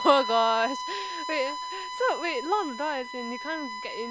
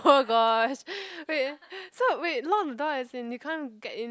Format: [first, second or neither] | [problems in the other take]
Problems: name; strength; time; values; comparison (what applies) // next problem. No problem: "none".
second | background sound (Bowed string instrument); 7 dB below the speech